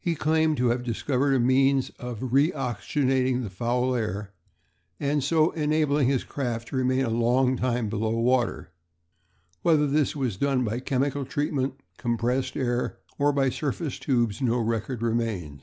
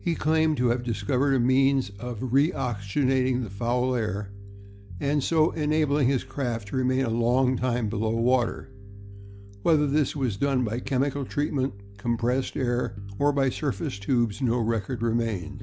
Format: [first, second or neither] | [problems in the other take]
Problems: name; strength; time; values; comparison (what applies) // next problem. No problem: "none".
first | background sound (Bass guitar); 12 dB below the speech